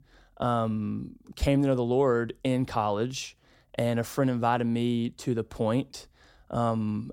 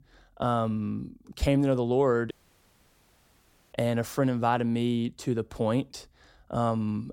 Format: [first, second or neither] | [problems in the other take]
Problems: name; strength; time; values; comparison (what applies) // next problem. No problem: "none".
first | audio cutting out; at 2.5 s for 1.5 s